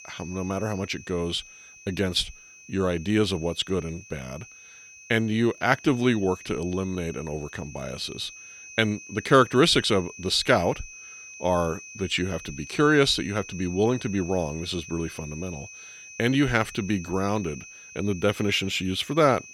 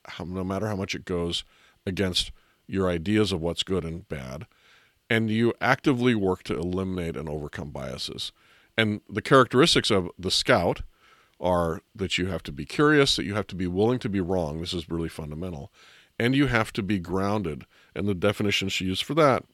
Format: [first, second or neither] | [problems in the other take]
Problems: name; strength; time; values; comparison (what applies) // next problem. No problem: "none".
second | high-pitched whine; noticeable; throughout; 2.5 kHz, 15 dB below the speech